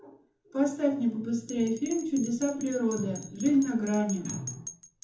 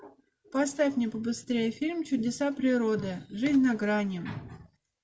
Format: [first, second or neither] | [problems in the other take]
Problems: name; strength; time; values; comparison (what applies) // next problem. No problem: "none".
second | background sound (Bell); 16 dB below the speech // room echo; dies away in 0.6 s